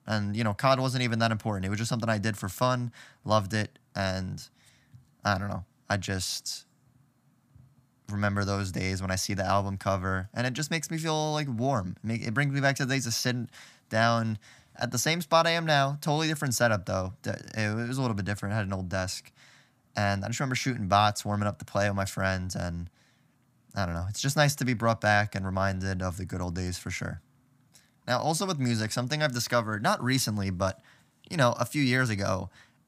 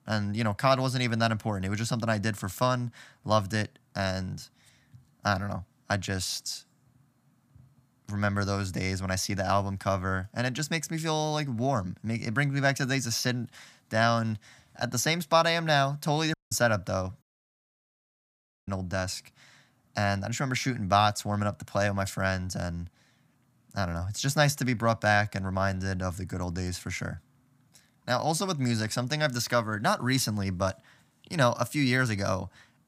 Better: first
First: none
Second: audio cutting out; at 16 s and at 17 s for 1.5 s

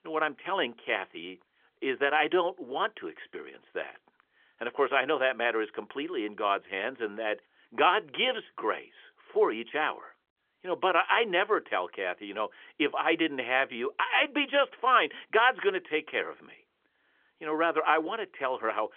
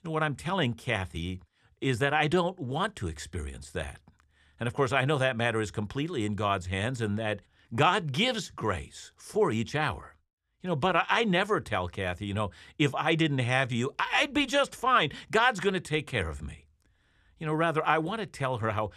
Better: second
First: phone-call audio; nothing above 3.5 kHz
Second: none

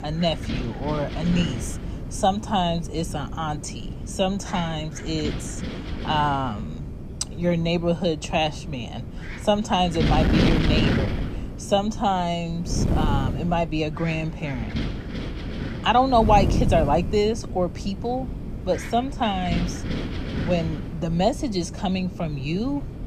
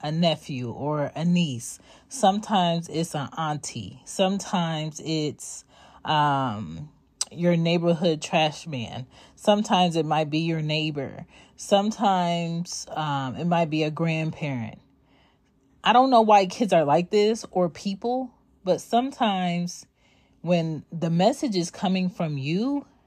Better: second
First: wind noise on the microphone; heavy; 10 dB below the speech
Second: none

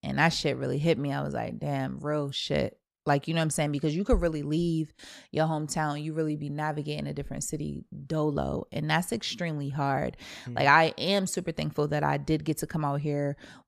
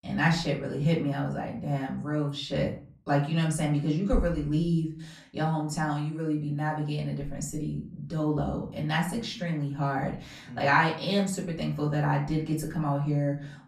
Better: first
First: none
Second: room echo; slight; dies away in 0.4 s // off-mic speech; far

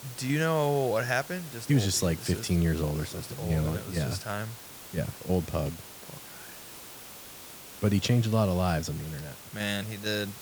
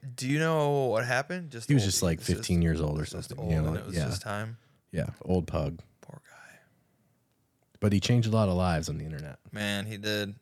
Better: second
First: hiss; noticeable; throughout; 15 dB below the speech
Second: none

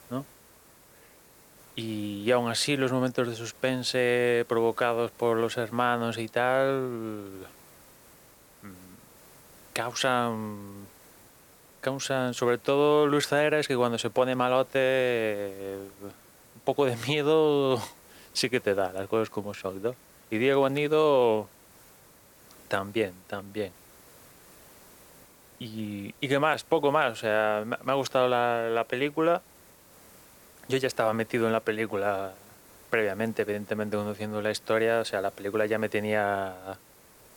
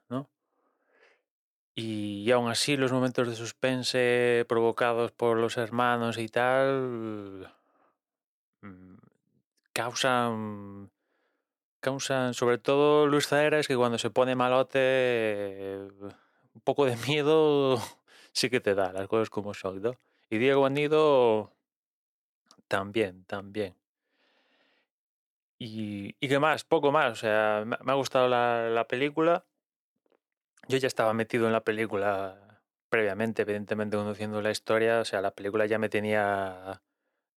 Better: second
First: hiss; faint; throughout; 25 dB below the speech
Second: none

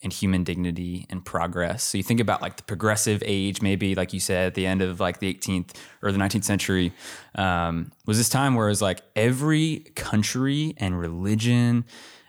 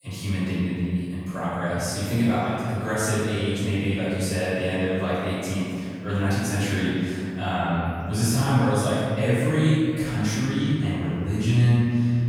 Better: first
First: none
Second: off-mic speech; far // room echo; strong; dies away in 2.3 s

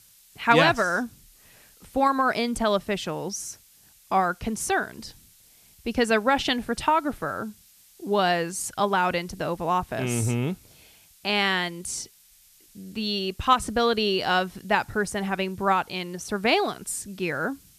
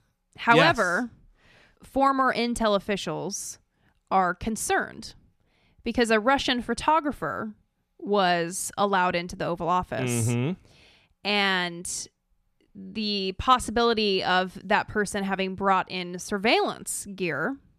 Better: second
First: hiss; faint; throughout; 30 dB below the speech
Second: none

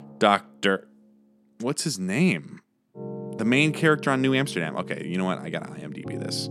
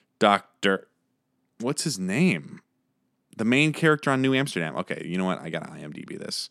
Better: second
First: background music; noticeable; throughout; 15 dB below the speech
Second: none

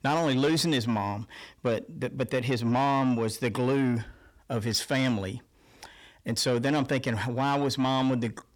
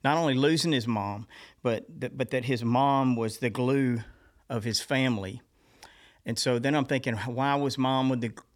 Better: second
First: distortion; slight; 10 dB below the speech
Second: none

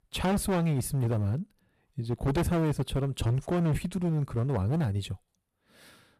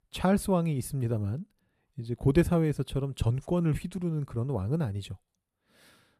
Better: second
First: distortion; heavy; 15% of the sound clipped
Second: none

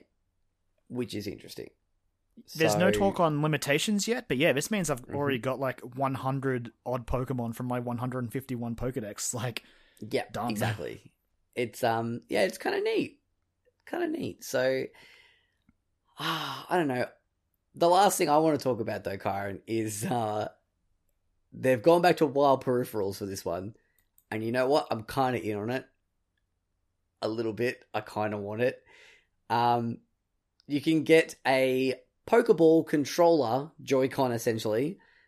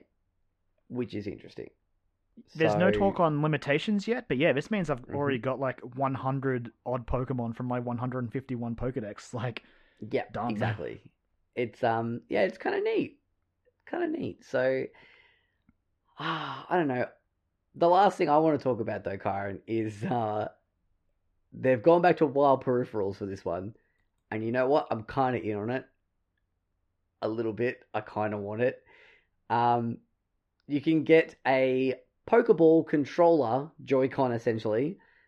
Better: first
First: none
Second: muffled; slightly; fading above 2.5 kHz

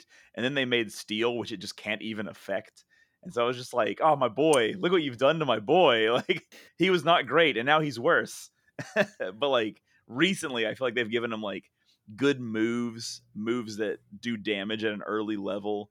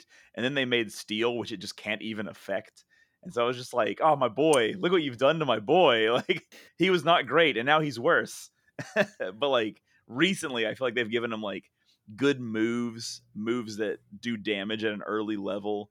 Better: neither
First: none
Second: none

